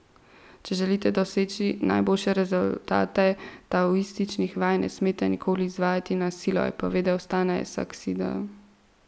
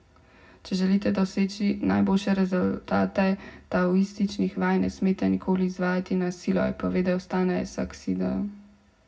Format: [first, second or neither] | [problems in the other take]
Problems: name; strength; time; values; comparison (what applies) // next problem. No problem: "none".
first | room echo; dies away in 0.3 s